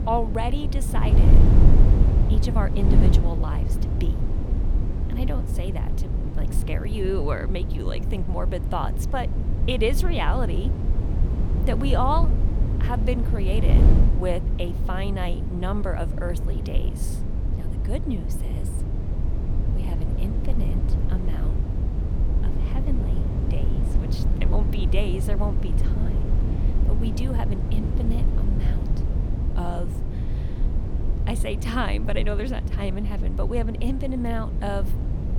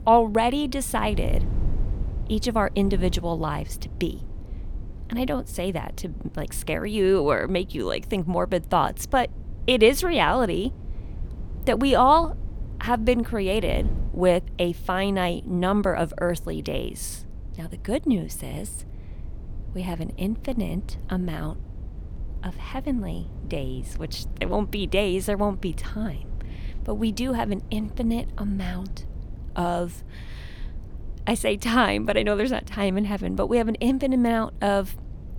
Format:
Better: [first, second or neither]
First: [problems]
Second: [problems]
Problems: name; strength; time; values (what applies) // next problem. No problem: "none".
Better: second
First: wind noise on the microphone; heavy; 6 dB below the speech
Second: wind noise on the microphone; occasional gusts; 25 dB below the speech